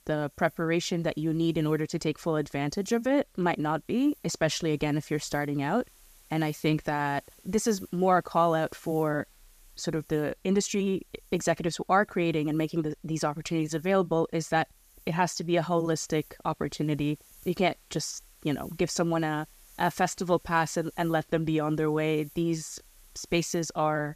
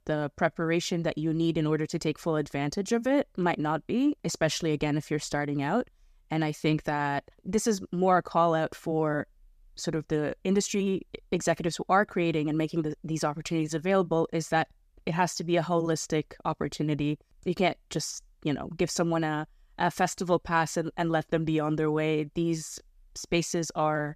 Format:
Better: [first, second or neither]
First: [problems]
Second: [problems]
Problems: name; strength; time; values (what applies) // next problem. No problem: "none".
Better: second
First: hiss; faint; throughout; 25 dB below the speech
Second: none